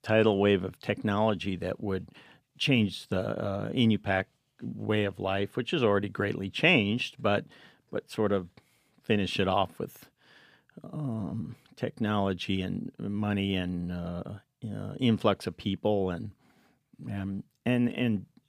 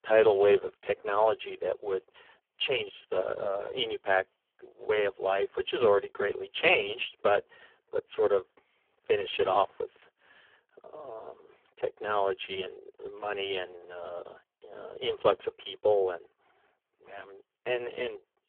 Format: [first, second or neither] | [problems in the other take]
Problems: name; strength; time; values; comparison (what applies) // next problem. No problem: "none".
first | phone-call audio; poor line; nothing above 3.5 kHz